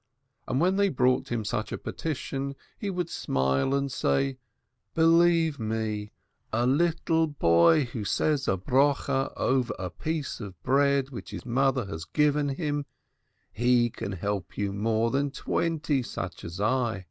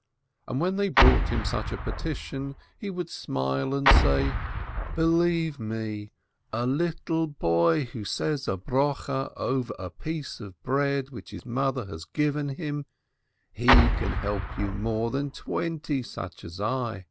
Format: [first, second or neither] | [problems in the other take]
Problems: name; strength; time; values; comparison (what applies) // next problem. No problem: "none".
first | background sound (Explosion); 3 dB above the speech